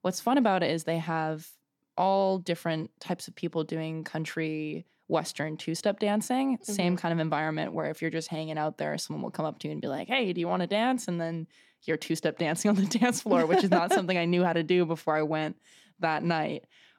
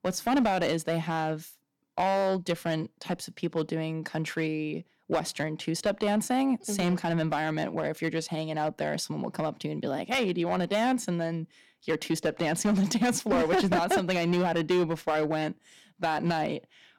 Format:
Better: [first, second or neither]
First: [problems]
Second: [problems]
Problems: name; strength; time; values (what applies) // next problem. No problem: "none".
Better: first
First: none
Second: distortion; slight; 6% of the sound clipped